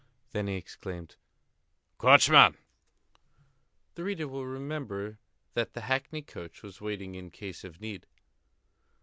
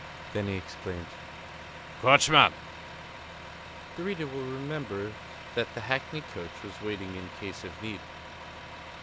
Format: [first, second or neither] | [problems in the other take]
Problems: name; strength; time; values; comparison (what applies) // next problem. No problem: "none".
first | background sound (Truck); 11 dB below the speech